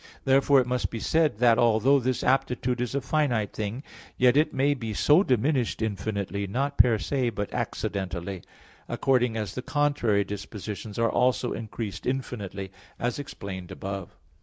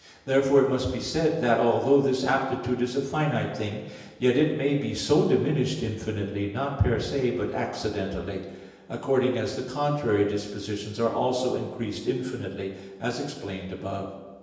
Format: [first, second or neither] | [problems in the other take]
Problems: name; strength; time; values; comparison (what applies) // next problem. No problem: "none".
first | room echo; dies away in 1 s